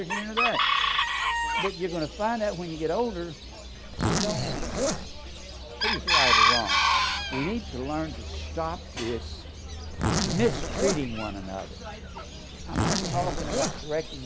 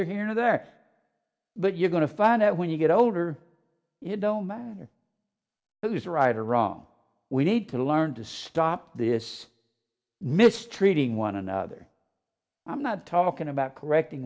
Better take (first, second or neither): second